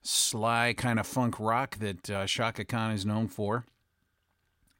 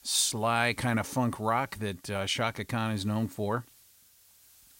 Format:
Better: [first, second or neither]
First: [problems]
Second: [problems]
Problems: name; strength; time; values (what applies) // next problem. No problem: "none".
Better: first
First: none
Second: hiss; faint; throughout; 25 dB below the speech